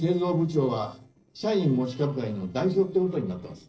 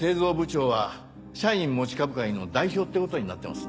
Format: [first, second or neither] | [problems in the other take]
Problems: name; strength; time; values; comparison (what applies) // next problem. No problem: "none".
second | noise reduction (neural separator model SepFormer DNS4)